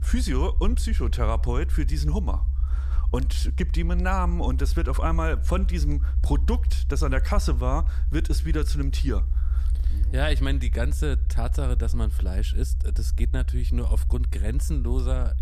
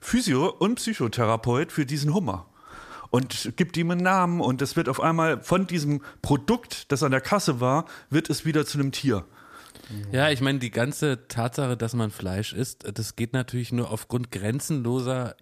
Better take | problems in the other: second | low rumble; noticeable; throughout; 15 dB below the speech

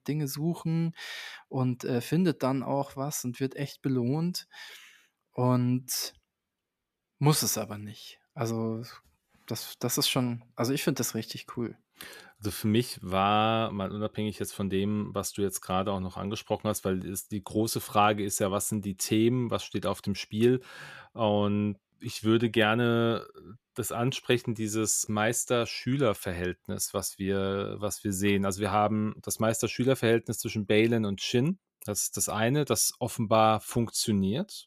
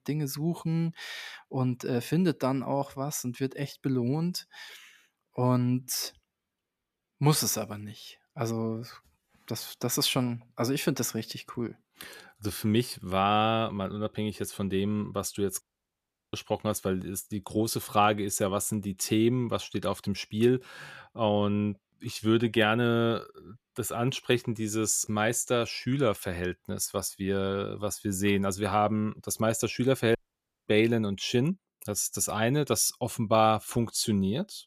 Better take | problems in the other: first | audio cutting out; at 16 s for 0.5 s and at 30 s for 0.5 s

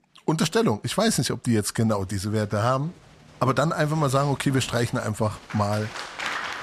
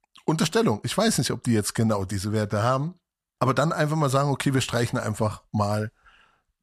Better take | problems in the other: second | crowd noise; noticeable; throughout; 10 dB below the speech

